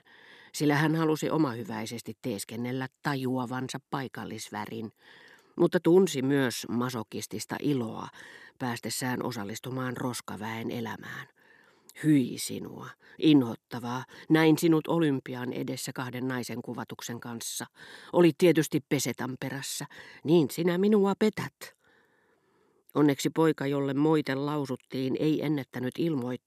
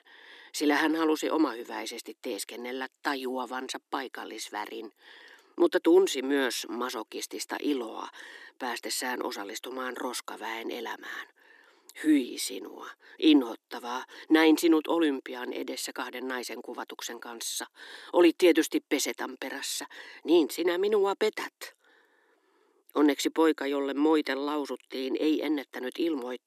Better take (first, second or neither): first